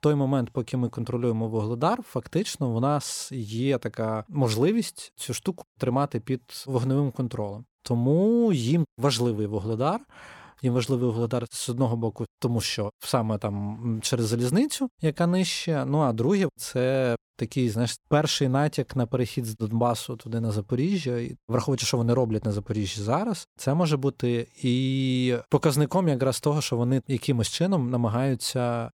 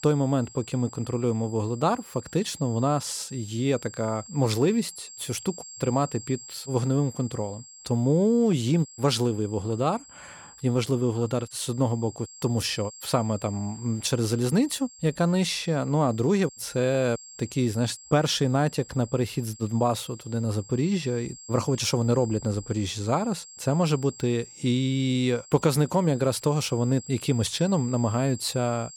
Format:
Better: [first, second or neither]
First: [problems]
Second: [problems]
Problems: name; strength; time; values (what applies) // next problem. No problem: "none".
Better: first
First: none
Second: high-pitched whine; noticeable; throughout; 7.5 kHz, 15 dB below the speech